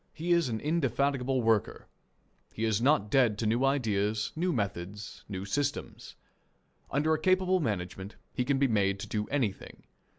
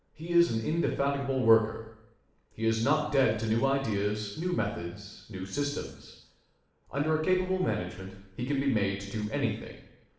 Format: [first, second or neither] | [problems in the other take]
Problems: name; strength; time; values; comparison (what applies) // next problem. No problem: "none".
first | room echo; dies away in 0.8 s